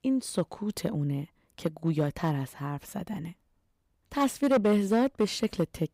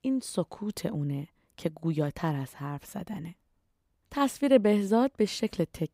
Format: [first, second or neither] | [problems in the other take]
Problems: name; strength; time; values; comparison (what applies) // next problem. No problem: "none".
second | distortion; slight; 3% of the sound clipped